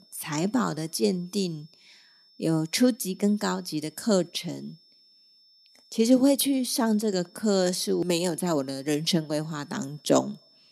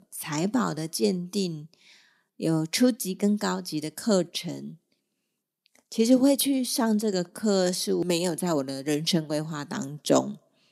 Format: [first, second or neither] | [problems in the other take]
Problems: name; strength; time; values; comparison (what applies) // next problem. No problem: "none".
second | high-pitched whine; faint; throughout; 5.5 kHz, 30 dB below the speech